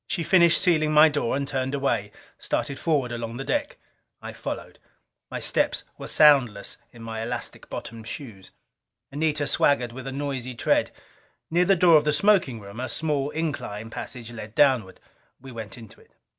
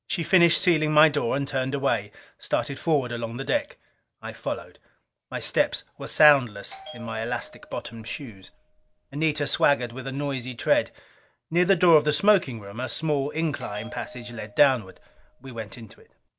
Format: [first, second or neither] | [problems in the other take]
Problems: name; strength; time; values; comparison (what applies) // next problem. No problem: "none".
first | background sound (Bell); 20 dB below the speech